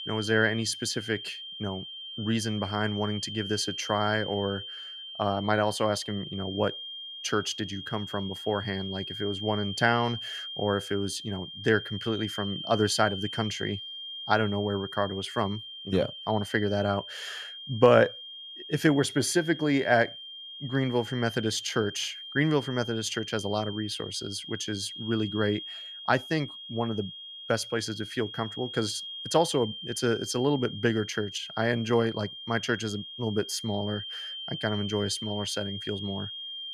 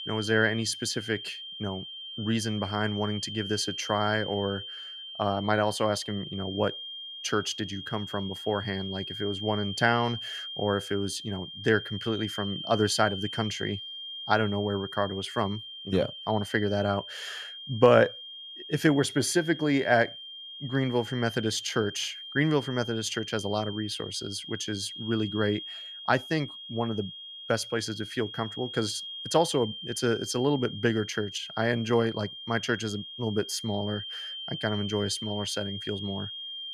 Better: neither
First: high-pitched whine; loud; throughout; 3 kHz, 9 dB below the speech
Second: high-pitched whine; loud; throughout; 3 kHz, 9 dB below the speech

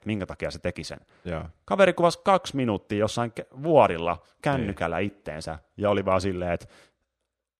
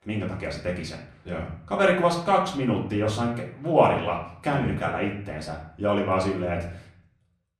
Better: first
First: none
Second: off-mic speech; far // room echo; slight; dies away in 0.6 s

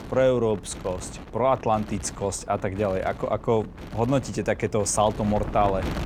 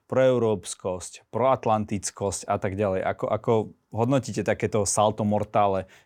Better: second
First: wind noise on the microphone; occasional gusts; 15 dB below the speech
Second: none

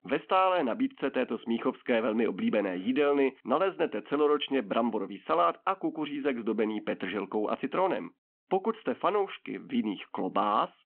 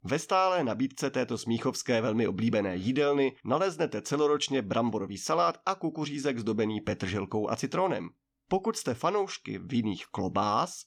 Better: second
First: phone-call audio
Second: none

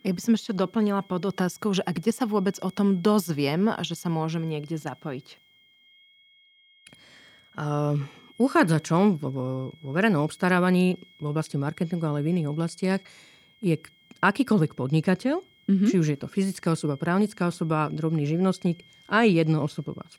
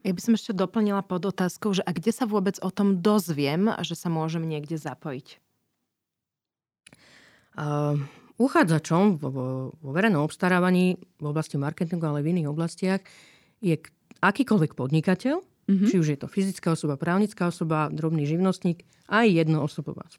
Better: second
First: high-pitched whine; faint; throughout; 3.5 kHz, 30 dB below the speech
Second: none

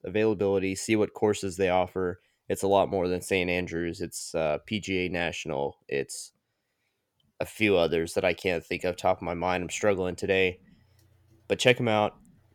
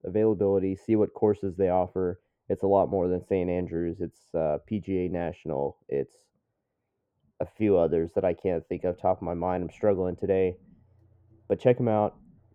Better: first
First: none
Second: muffled; very; fading above 2 kHz

